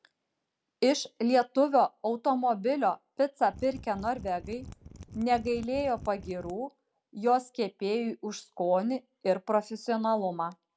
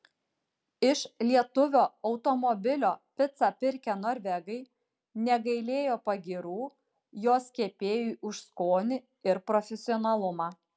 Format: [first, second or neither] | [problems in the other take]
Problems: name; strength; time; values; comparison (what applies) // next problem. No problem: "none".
second | background sound (Mechanisms); 17 dB below the speech